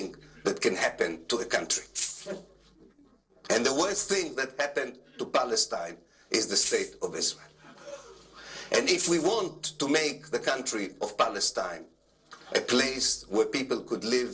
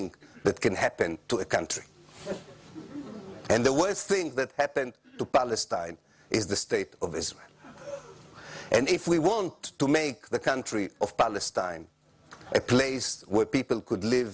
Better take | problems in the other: second | noise reduction (neural separator model SepFormer DNS4)

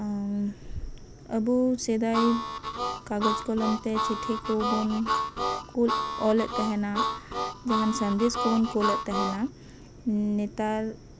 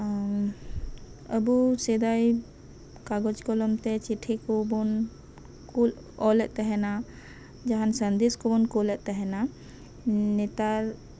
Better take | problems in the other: second | background sound (Harmonica); 2 dB below the speech

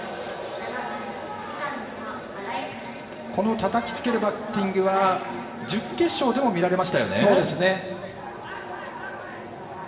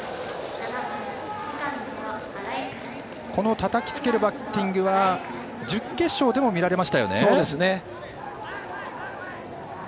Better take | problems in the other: second | room echo; dies away in 2 s

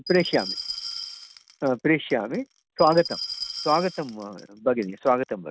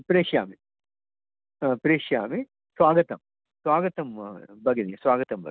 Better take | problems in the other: second | background sound (Glass); 12 dB below the speech

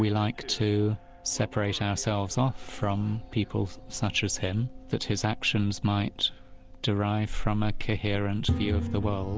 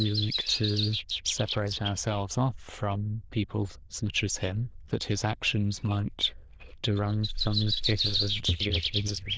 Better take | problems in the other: first | noise reduction (neural diffusion model UNIVERSE++)

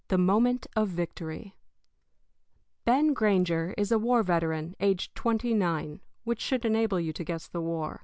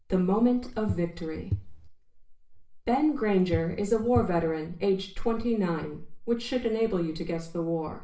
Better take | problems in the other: first | background sound (Walk, footsteps / Bird vocalization, bird call, bird song); 11 dB below the speech // room echo; dies away in 0.4 s

